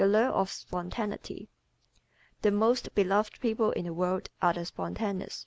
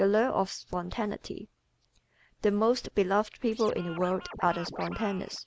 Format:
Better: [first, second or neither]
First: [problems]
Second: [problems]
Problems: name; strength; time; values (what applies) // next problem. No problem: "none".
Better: first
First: none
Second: background sound (Scratching (performance technique)); 13 dB below the speech